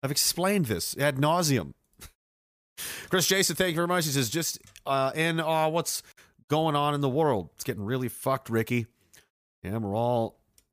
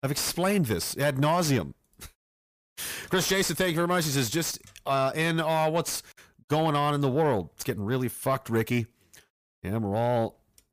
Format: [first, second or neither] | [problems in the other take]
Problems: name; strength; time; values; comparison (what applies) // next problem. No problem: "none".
first | distortion; slight; 10 dB below the speech